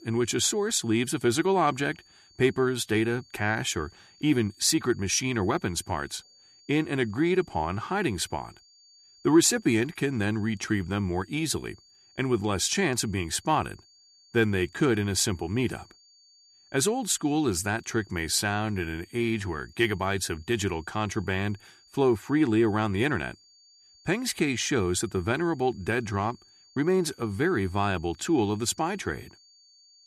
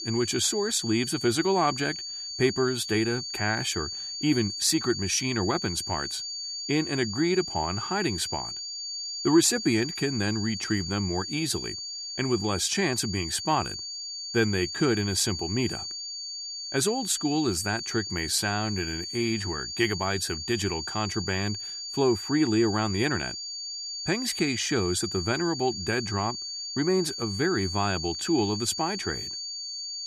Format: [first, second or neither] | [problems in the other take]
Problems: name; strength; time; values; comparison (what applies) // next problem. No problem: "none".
first | high-pitched whine; loud; throughout; 4.5 kHz, 5 dB below the speech; faint in the first